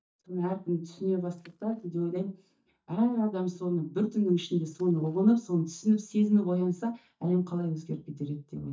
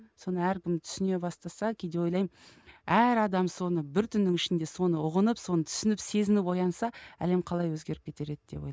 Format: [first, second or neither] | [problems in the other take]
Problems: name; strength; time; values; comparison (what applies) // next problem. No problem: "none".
second | noise reduction (neural mask model DeepFilterNet 3)